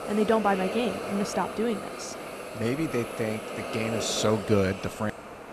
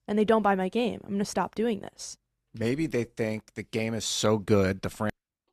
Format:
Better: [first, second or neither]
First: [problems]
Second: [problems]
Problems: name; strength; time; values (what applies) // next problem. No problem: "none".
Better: second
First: hiss; loud; throughout; 7 dB below the speech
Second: none